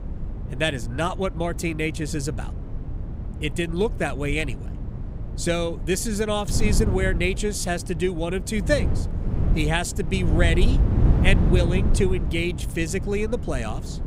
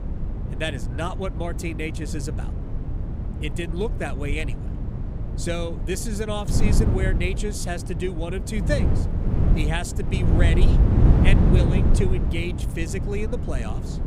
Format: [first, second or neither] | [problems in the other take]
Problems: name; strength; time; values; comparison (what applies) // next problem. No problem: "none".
first | wind noise on the microphone; heavy; 4 dB below the speech; occasional gusts in the first